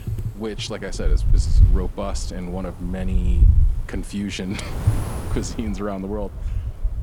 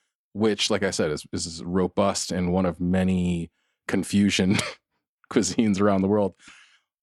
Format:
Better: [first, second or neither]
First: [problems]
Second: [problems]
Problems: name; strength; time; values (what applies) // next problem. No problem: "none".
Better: second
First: wind noise on the microphone; heavy; 8 dB below the speech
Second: none